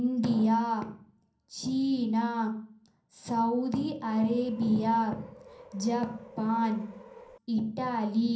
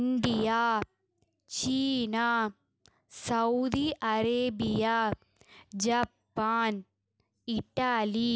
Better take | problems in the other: second | background sound (Subway, metro, underground); 20 dB below the speech // room echo; dies away in 0.6 s

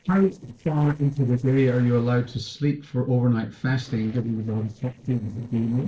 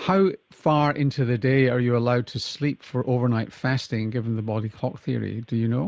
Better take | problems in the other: second | noise reduction (neural separator model SepFormer DNS4)

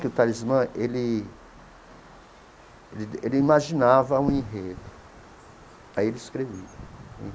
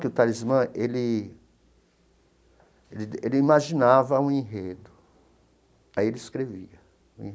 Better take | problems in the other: second | background sound (Wind); 15 dB below the speech

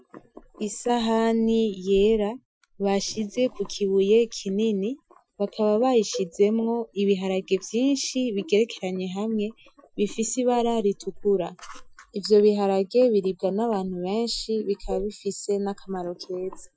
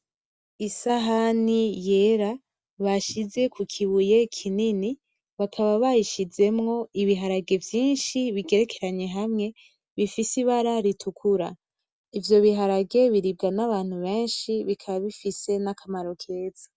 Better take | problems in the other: second | noise reduction (classical method Wiener filter)

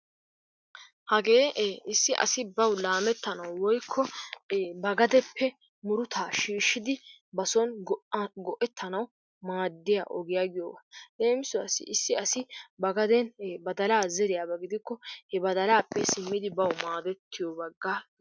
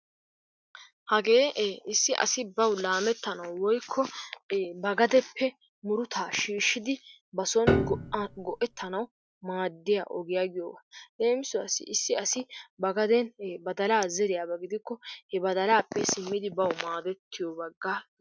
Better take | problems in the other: first | background sound (Piano); 1 dB below the speech

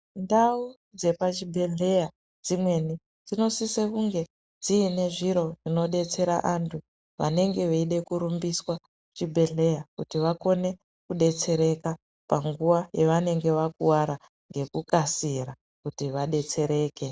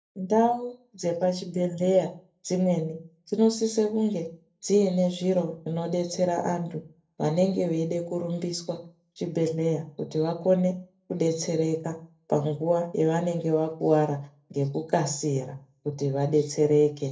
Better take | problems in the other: first | room echo; dies away in 0.3 s

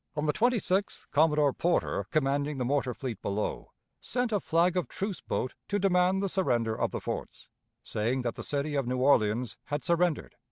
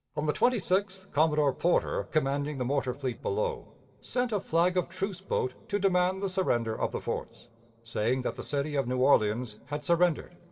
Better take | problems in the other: first | room echo; dies away in 1.7 s

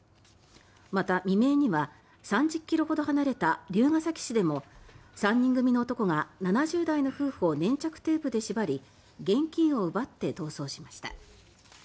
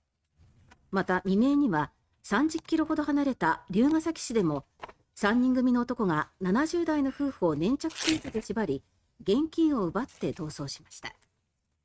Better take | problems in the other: first | noise reduction (neural mask model RNNoise)

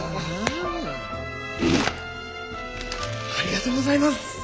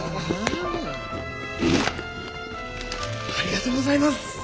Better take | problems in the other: first | background sound (Chewing, mastication); 12 dB below the speech

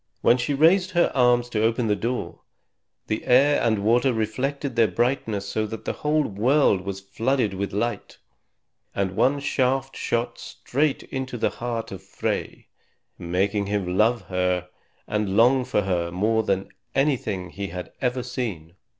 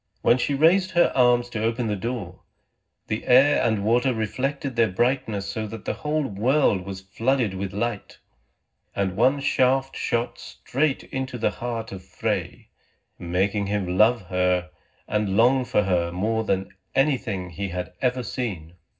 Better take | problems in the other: first | room echo; dies away in 0.4 s

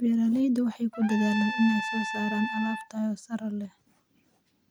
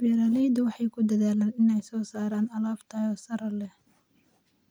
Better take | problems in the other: second | background sound (Trumpet); 7 dB below the speech

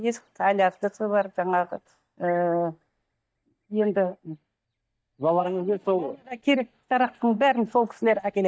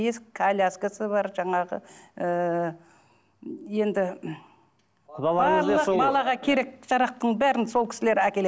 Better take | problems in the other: second | noise reduction (neural mask model DeepFilterNet 3)

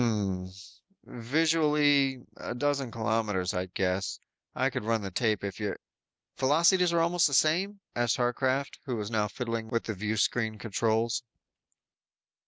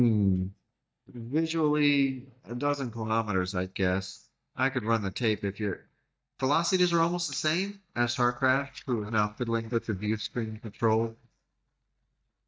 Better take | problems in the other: first | noise reduction (neural mask model DeepFilterNet 3)

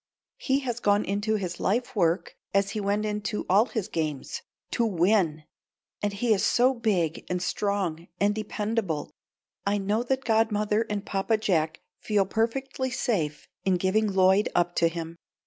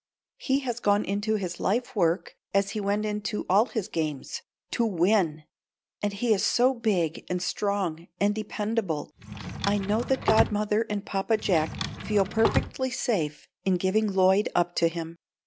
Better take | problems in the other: first | background sound (Drawer open or close); 6 dB below the speech

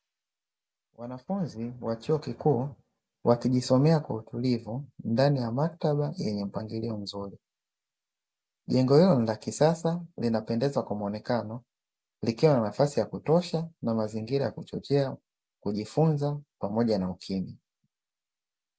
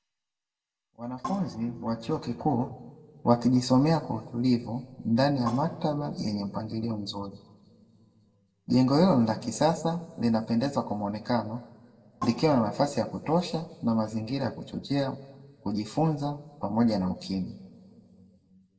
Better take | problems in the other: first | background sound (Percussion); 18 dB below the speech // room echo; dies away in 1.4 s

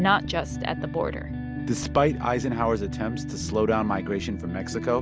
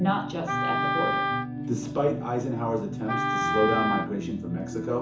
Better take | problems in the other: first | background sound (Wind instrument, woodwind instrument); 2 dB below the speech // room echo; dies away in 0.7 s

